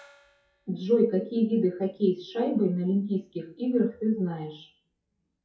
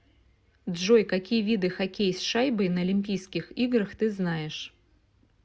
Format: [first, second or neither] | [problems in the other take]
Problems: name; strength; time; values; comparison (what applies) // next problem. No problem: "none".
second | noise reduction (classical method WPE with log-MMSE)